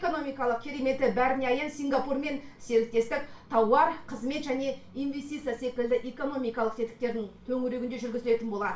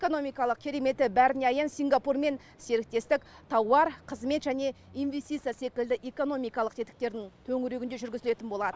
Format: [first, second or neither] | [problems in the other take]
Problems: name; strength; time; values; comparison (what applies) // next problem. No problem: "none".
second | room echo; dies away in 0.3 s